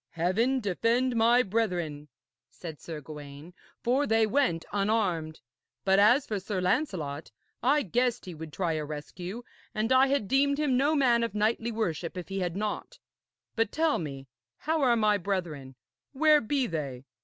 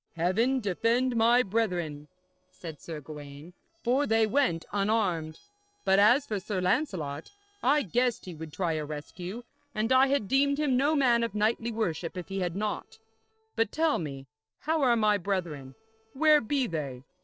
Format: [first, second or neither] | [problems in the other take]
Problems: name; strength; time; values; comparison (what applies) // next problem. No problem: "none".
first | noise reduction (neural separator model SepFormer DNS4)